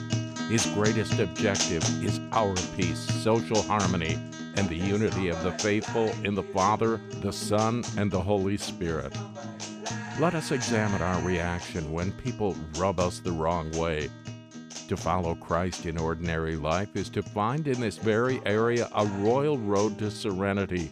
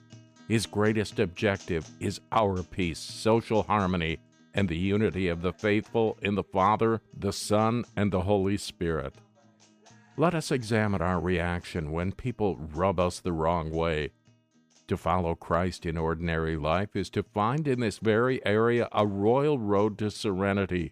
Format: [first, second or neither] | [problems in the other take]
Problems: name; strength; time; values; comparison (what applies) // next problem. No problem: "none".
second | background music; loud; throughout; 6 dB below the speech; faint in the second